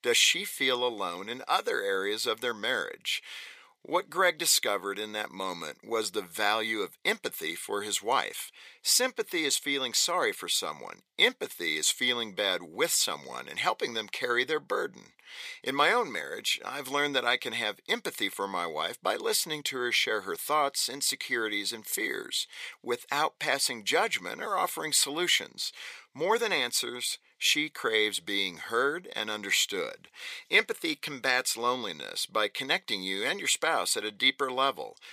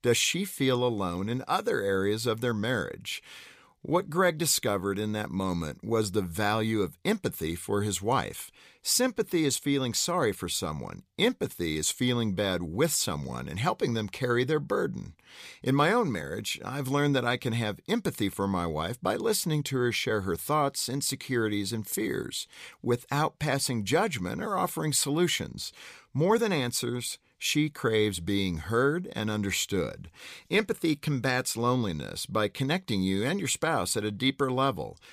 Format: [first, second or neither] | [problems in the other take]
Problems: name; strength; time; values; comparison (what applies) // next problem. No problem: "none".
second | thin; somewhat; fading below 500 Hz